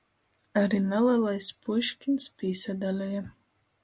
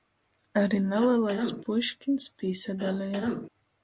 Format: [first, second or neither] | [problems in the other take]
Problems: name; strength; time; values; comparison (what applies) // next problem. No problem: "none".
first | background sound (Cough); 7 dB below the speech